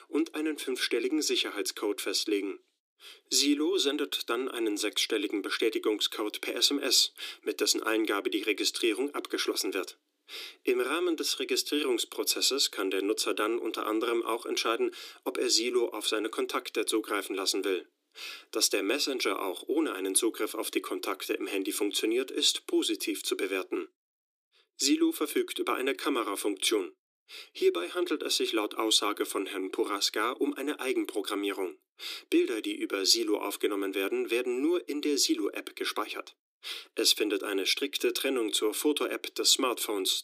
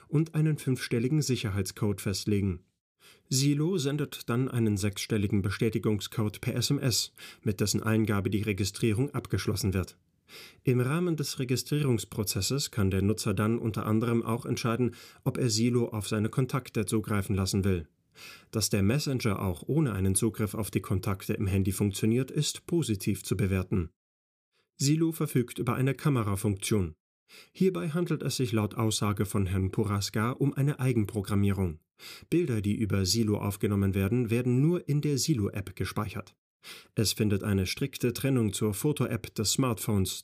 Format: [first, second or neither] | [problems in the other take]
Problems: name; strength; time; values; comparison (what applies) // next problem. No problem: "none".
second | thin; somewhat; fading below 300 Hz